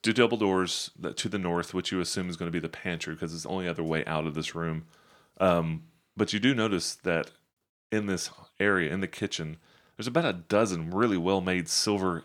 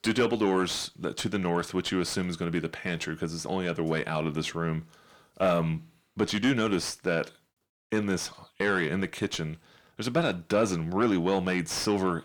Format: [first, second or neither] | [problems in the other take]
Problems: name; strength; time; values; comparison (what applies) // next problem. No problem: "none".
first | distortion; slight; 10 dB below the speech